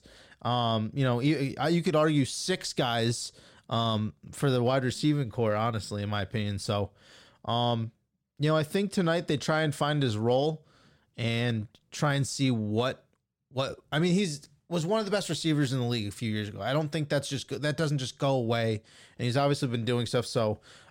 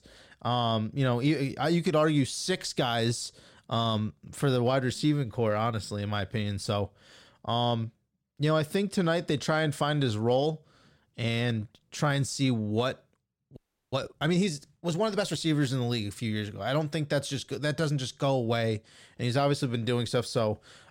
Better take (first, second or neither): first